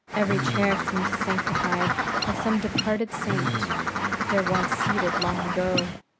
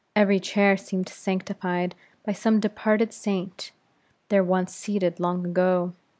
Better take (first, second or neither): second